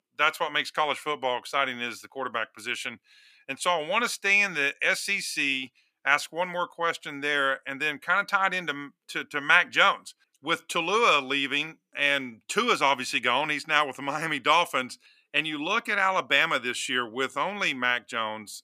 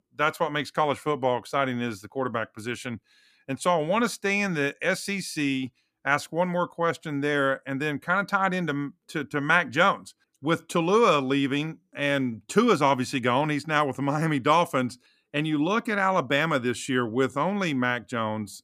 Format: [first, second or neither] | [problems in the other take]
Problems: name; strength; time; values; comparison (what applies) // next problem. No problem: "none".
second | thin; somewhat; fading below 950 Hz